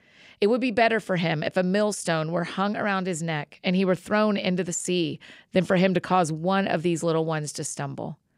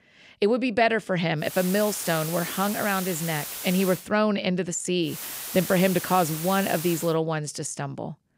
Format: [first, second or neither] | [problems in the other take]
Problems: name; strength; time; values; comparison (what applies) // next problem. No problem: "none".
first | hiss; loud; from 1.5 to 4 s and from 5 to 7 s; 8 dB below the speech